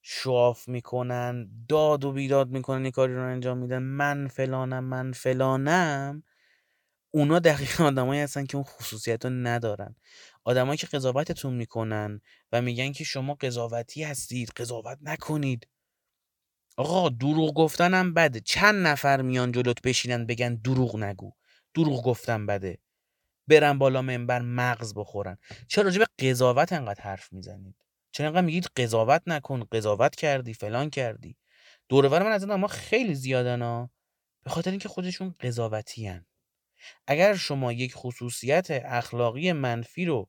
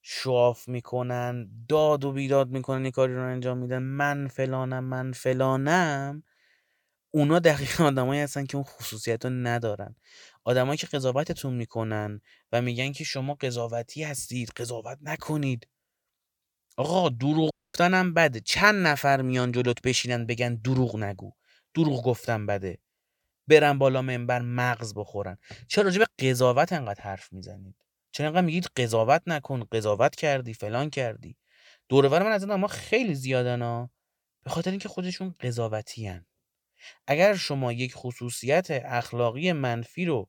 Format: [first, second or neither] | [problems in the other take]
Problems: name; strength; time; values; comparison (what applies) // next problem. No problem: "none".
first | audio cutting out; at 18 s